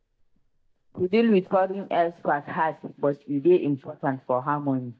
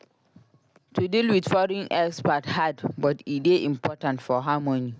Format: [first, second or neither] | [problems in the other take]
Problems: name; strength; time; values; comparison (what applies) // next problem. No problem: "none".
second | noise reduction (neural mask model DeepFilterNet 3)